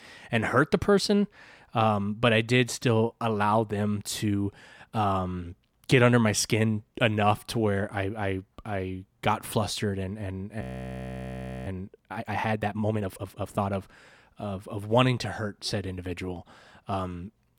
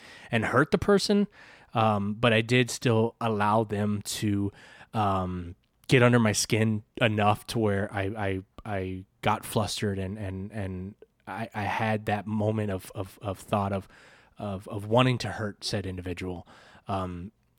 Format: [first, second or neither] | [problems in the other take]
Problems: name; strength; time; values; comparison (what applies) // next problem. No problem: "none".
second | audio freezing; at 11 s for 1 s